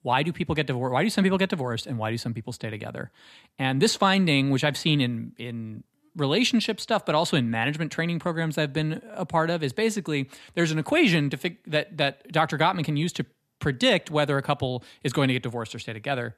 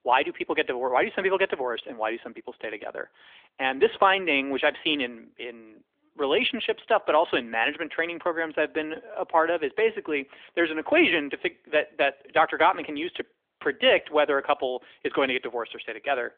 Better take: first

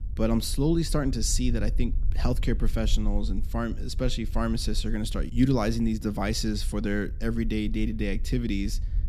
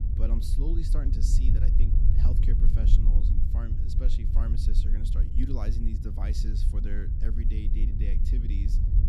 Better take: first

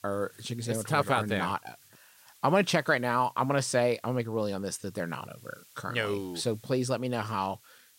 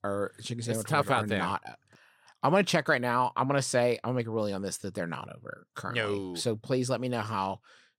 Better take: second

